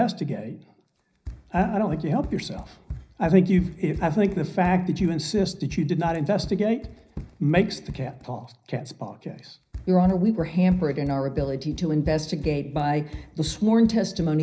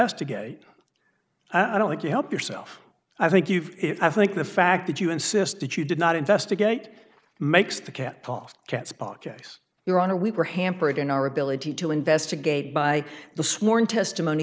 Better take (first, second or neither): second